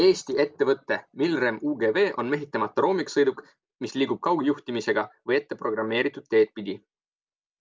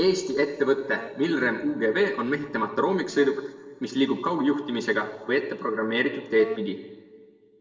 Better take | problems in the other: first | noise reduction (neural separator model SepFormer DNS4)

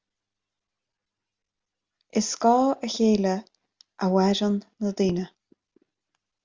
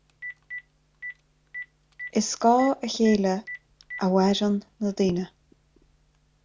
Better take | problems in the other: first | background sound (Telephone); 17 dB below the speech

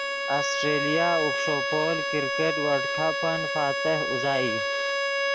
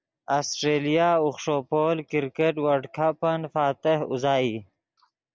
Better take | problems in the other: second | background sound (Bowed string instrument); 1 dB above the speech

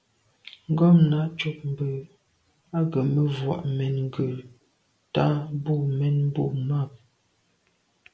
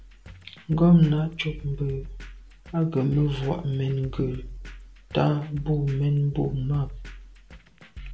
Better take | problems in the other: first | background sound (Drum kit); 14 dB below the speech

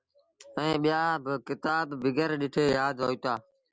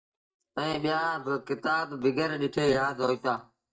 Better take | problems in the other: first | noise reduction (neural mask model DeepFilterNet 3)

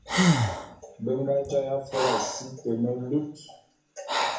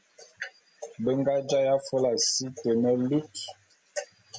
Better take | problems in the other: second | background sound (Breathing); 1 dB above the speech // room echo; dies away in 0.7 s

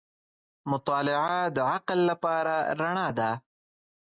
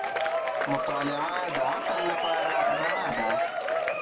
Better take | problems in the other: first | background sound (Applause / Crowd / Cheering); 4 dB above the speech // room echo; dies away in 0.2 s

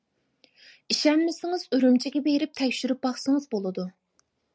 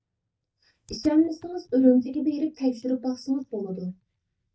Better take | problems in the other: first | noise reduction (neural mask model DeepFilterNet 3)

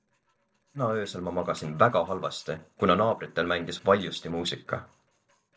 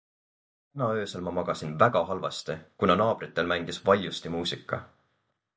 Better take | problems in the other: second | noise reduction (neural separator model SepFormer DNS4)

